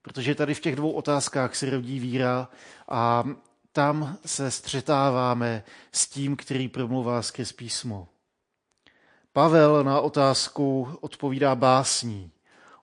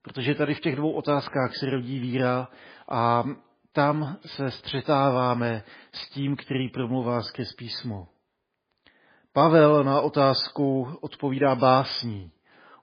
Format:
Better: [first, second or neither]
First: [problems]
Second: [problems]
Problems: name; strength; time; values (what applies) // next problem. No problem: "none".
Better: first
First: garbled, watery; slightly; nothing above 9.5 kHz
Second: garbled, watery; badly